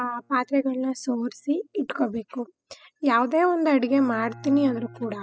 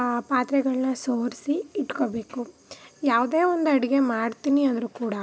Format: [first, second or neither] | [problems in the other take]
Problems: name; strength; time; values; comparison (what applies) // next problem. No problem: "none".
second | noise reduction (classical method spectral subtraction)